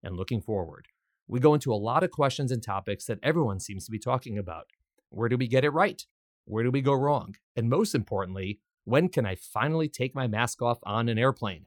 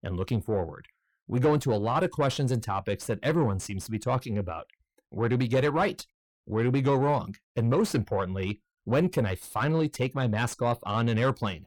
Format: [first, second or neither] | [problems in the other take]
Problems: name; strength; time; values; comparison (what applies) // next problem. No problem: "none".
first | distortion; slight; 10 dB below the speech